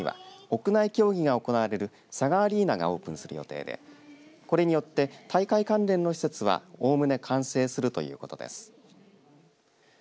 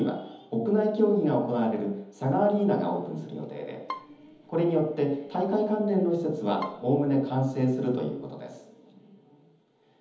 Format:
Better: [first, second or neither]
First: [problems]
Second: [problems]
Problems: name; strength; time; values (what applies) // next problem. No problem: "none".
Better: first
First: none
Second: background sound (Bowed string instrument); 18 dB below the speech // room echo; dies away in 1.3 s